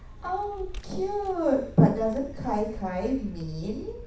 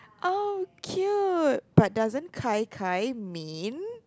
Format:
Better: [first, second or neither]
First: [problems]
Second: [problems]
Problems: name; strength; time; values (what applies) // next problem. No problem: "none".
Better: second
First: background sound (Vehicle); 12 dB below the speech // room echo; dies away in 0.7 s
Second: none